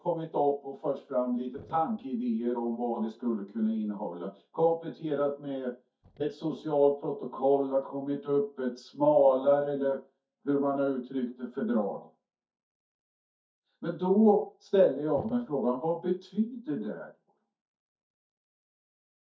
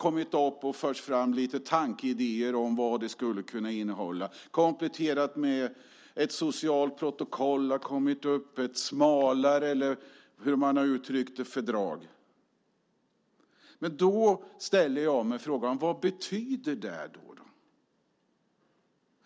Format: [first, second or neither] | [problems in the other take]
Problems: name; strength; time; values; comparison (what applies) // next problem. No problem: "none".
second | noise reduction (neural mask model DeepFilterNet 3)